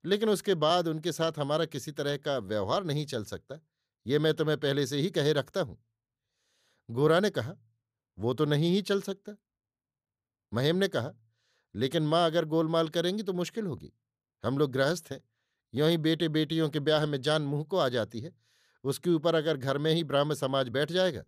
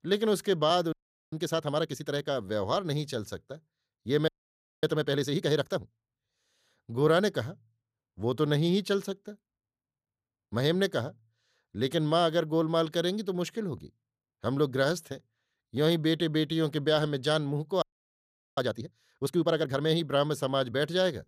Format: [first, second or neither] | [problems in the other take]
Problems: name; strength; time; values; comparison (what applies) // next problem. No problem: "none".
first | audio freezing; at 1 s, at 4.5 s for 0.5 s and at 18 s for 1 s